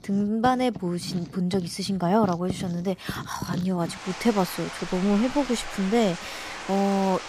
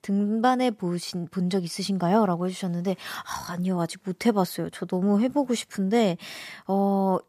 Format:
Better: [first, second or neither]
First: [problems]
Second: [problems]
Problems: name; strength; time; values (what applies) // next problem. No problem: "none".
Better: second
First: household noises; noticeable; throughout; 10 dB below the speech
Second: none